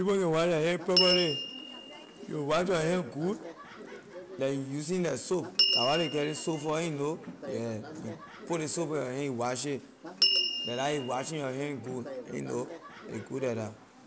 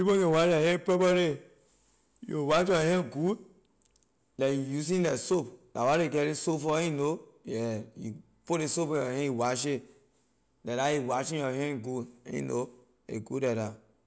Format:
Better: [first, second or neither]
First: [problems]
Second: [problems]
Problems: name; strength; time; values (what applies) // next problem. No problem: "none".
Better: second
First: background sound (Door / Bell); 4 dB below the speech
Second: none